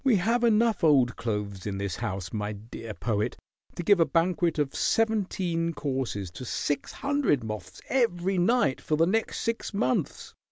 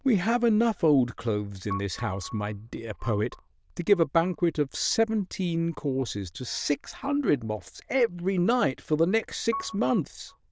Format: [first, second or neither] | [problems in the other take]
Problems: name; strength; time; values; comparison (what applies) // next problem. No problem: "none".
first | noise reduction (neural diffusion model UNIVERSE++)